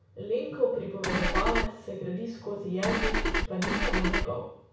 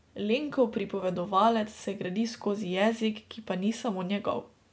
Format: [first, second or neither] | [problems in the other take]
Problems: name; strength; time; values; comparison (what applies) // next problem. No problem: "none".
second | background sound (Engine / Car); 5 dB above the speech // room echo; dies away in 0.6 s